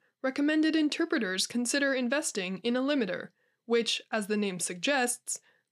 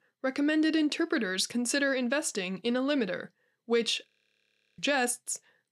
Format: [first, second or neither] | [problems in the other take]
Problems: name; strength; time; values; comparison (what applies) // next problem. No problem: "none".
first | audio freezing; at 4 s for 0.5 s